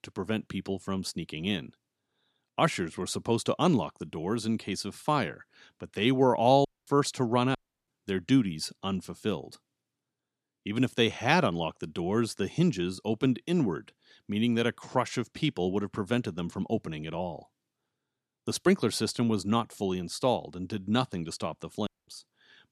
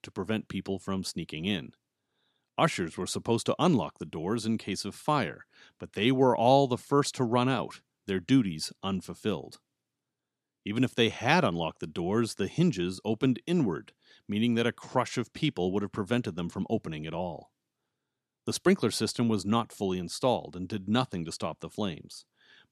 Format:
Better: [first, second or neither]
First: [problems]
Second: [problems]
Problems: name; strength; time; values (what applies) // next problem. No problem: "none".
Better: second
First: audio cutting out; at 6.5 s, at 7.5 s and at 22 s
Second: none